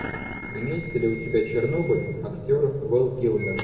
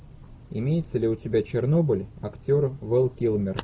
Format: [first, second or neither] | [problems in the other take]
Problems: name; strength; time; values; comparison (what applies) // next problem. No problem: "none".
second | background sound (Wind instrument, woodwind instrument); 15 dB below the speech // room echo; dies away in 2.1 s